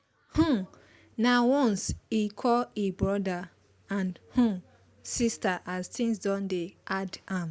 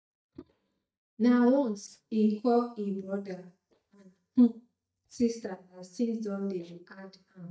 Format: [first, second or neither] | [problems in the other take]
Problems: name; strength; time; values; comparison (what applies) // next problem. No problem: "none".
first | noise reduction (neural mask model DeepFilterNet 3)